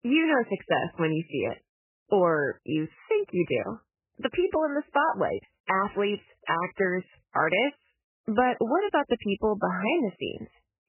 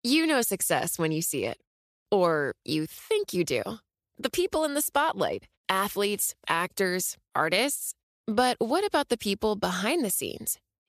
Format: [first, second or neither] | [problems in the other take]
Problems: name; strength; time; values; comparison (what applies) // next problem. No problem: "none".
second | garbled, watery; badly; nothing above 3 kHz